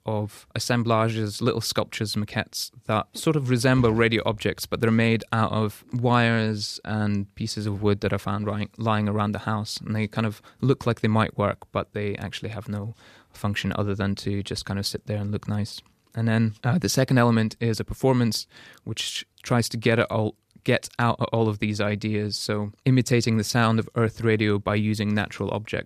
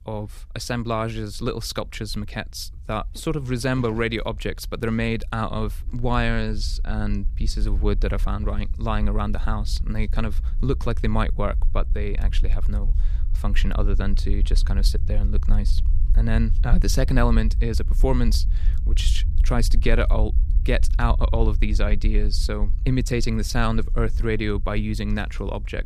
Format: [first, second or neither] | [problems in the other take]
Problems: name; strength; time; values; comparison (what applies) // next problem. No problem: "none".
first | low rumble; noticeable; throughout; 20 dB below the speech